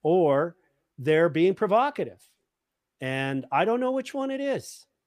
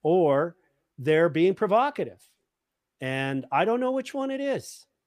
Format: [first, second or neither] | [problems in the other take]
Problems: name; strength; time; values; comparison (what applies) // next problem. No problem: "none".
neither | none